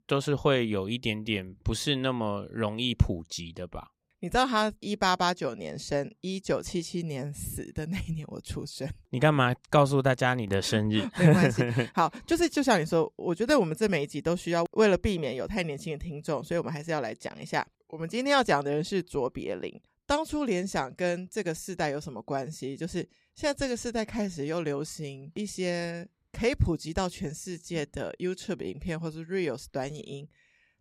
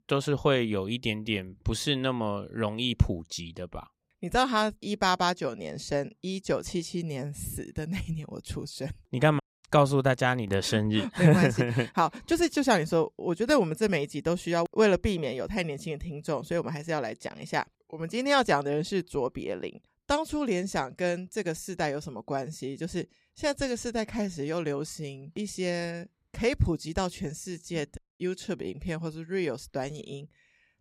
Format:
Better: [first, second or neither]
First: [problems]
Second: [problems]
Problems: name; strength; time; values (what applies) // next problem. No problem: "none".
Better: first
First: none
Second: audio cutting out; at 9.5 s and at 28 s